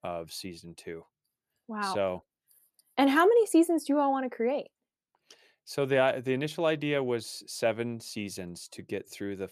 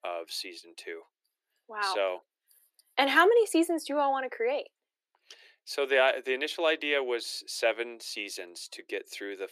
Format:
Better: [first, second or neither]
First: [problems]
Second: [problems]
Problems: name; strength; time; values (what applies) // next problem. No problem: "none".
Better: first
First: none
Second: thin; somewhat; fading below 350 Hz